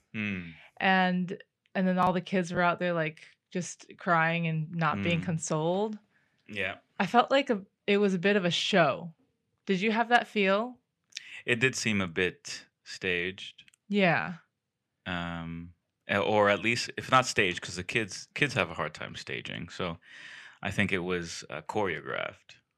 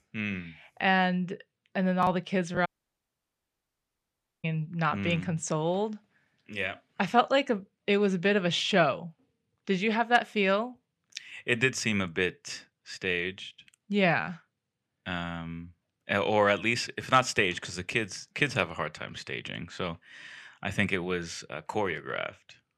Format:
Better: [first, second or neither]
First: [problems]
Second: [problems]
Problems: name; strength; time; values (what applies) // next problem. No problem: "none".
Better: first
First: none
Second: audio cutting out; at 2.5 s for 2 s